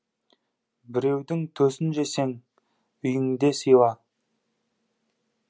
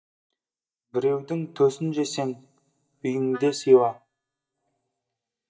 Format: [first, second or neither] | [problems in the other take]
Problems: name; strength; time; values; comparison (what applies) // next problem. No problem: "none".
first | noise reduction (neural mask model DeepFilterNet 3)